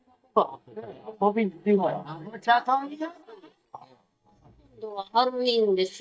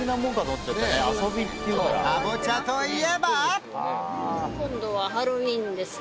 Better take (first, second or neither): second